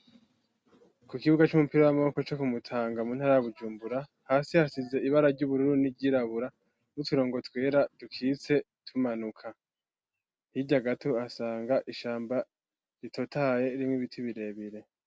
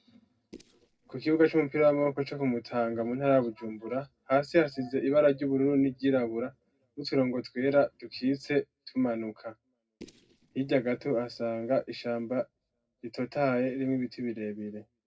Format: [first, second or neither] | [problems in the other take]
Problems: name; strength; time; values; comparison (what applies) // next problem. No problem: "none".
first | noise reduction (neural separator model SepFormer DNS4)